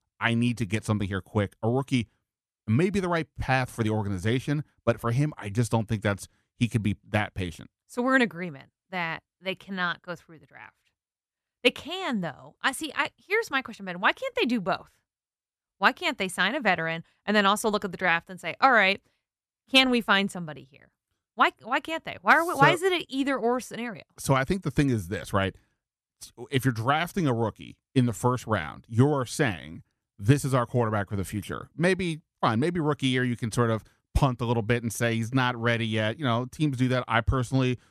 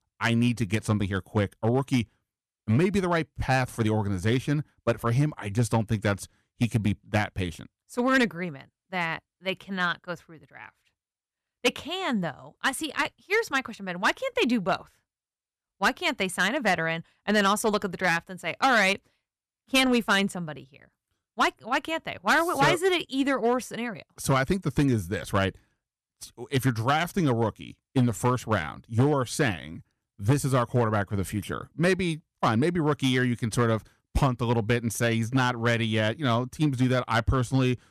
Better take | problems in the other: first | distortion; slight; 3% of the sound clipped

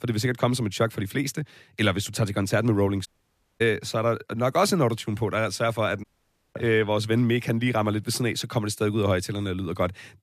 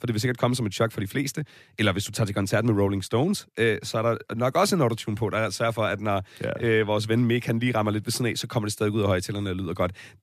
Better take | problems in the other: second | audio cutting out; at 3 s for 0.5 s and at 6 s for 0.5 s

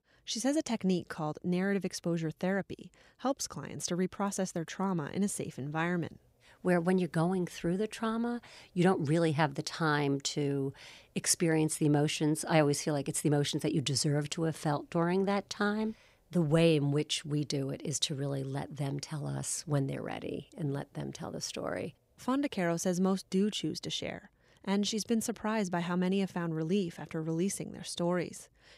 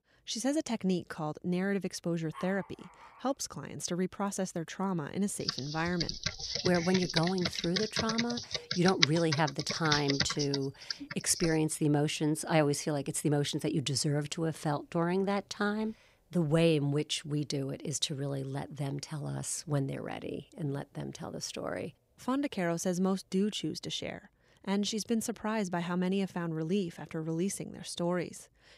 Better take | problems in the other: first | dog barking; faint; at 2.5 s; peak 15 dB below the speech // keyboard typing; loud; from 5.5 to 11 s; peak 5 dB above the speech

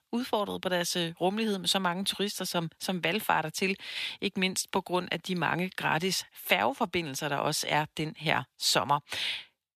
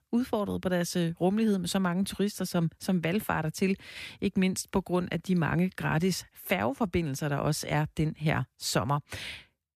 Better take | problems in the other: second | thin; somewhat; fading below 450 Hz

